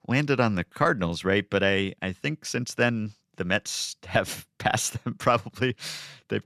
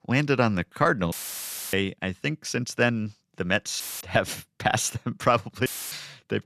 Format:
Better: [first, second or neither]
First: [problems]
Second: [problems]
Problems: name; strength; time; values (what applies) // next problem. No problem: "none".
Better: first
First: none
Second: audio cutting out; filled with static; at 1 s for 0.5 s, at 4 s and at 5.5 s